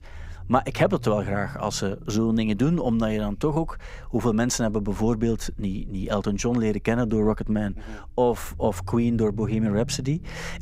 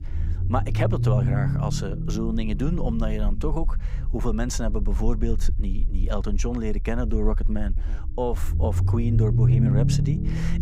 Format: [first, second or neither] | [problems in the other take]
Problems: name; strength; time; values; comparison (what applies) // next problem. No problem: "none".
first | low rumble; loud; throughout; 4 dB below the speech; faint in the first